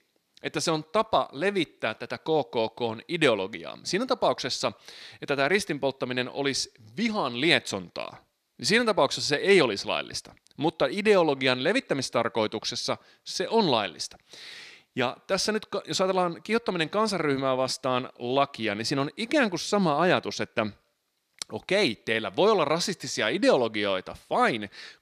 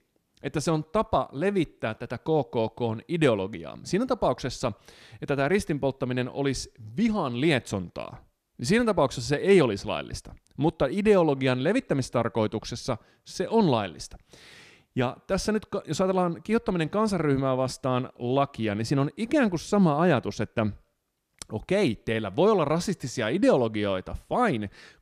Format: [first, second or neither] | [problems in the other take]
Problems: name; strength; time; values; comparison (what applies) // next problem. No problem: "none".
second | thin; very slightly; fading below 800 Hz